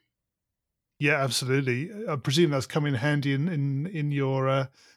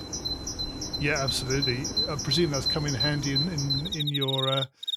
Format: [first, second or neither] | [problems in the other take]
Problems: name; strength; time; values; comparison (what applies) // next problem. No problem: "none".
first | animal sounds; very loud; throughout; 1 dB above the speech